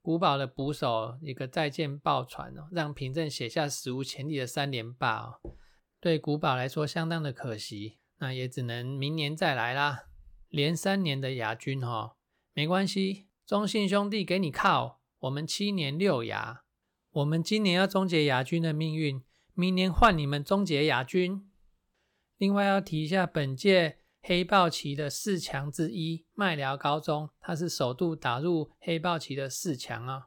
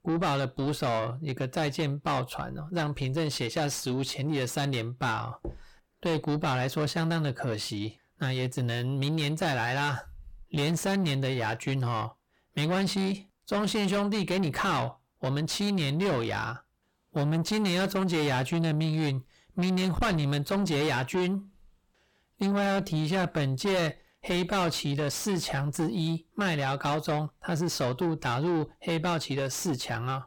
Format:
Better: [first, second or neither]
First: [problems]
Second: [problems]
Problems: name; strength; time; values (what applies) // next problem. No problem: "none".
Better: first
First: none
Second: distortion; heavy; 6 dB below the speech